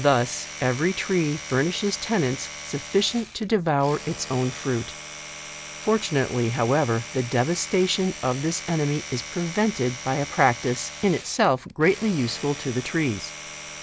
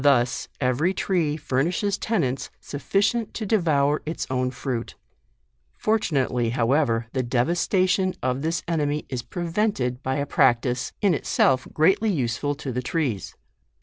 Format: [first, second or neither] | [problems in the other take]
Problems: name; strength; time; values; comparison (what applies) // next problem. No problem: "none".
second | background sound (Domestic sounds, home sounds); 13 dB below the speech